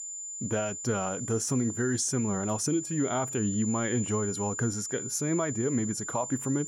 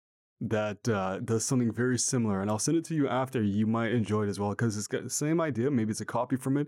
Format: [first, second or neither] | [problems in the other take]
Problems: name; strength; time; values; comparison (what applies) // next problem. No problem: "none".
second | high-pitched whine; loud; throughout; 7 kHz, 5 dB below the speech